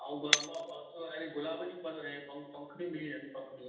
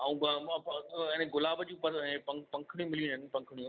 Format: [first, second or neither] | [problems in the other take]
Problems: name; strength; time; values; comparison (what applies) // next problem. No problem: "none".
second | background sound (Shatter); 2 dB above the speech // room echo; dies away in 0.9 s